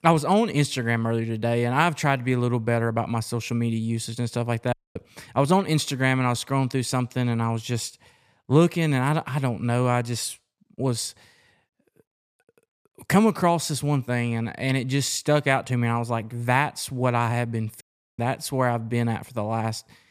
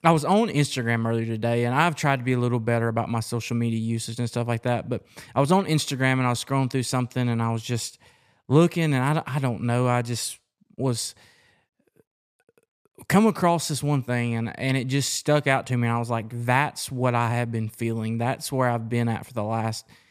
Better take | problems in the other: second | audio cutting out; at 4.5 s and at 18 s

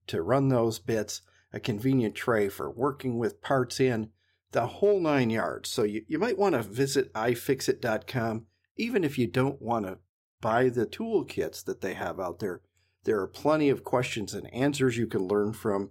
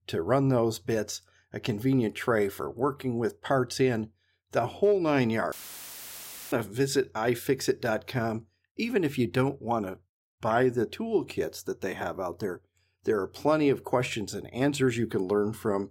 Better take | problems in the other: first | audio cutting out; filled with static; at 5.5 s for 1 s

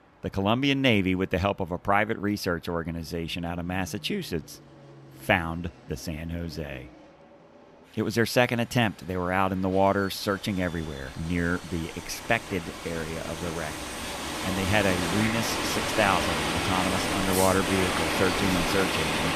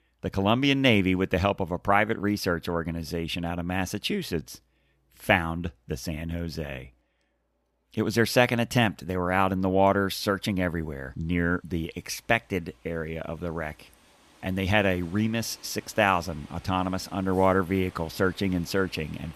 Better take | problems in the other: second | train or aircraft noise; loud; throughout; 1 dB below the speech; faint in the second

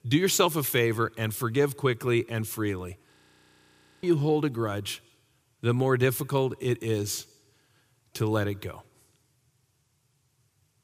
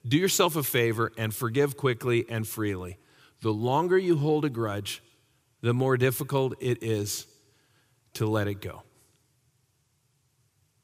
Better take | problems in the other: second | audio freezing; at 3 s for 1 s

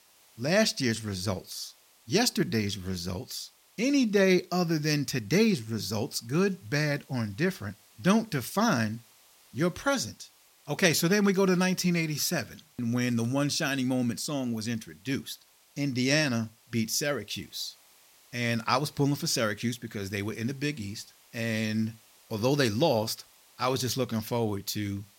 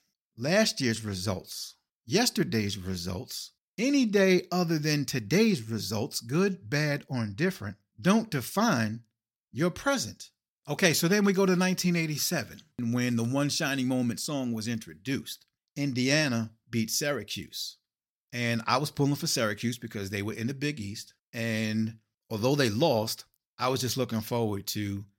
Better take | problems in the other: second | hiss; faint; throughout; 30 dB below the speech

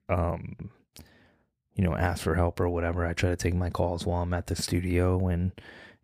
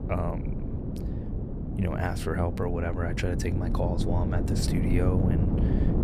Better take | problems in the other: first | wind noise on the microphone; heavy; 4 dB below the speech

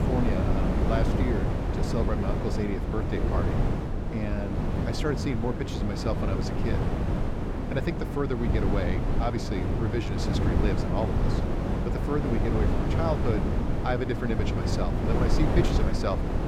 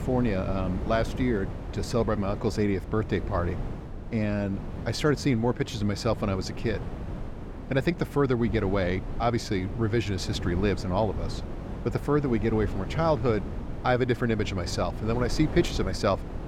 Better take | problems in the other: second | wind noise on the microphone; heavy; as loud as the speech; occasional gusts in the second

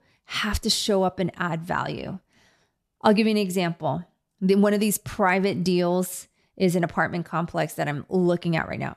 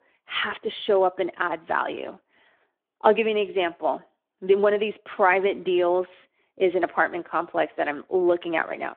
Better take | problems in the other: first | phone-call audio

